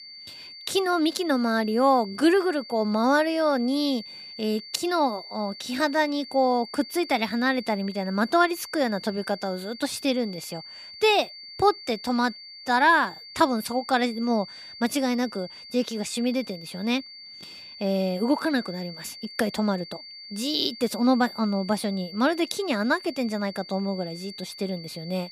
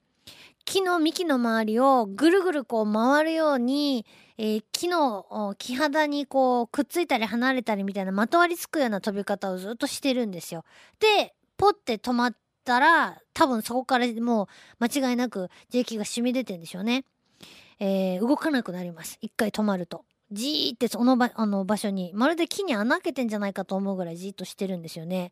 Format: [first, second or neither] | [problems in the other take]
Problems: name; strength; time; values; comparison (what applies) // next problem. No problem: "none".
second | high-pitched whine; noticeable; throughout; 4.5 kHz, 15 dB below the speech